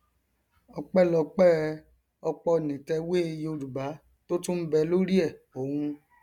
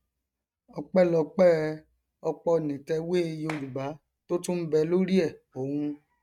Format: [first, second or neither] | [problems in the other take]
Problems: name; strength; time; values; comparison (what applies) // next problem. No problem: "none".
first | noise reduction (neural mask model RNNoise)